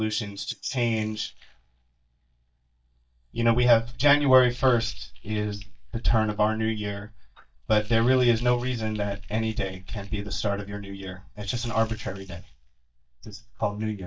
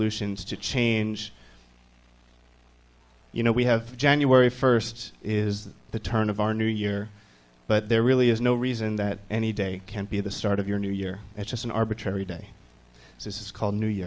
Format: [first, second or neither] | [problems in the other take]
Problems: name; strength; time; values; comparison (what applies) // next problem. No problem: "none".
second | noise reduction (neural mask model DeepFilterNet 3)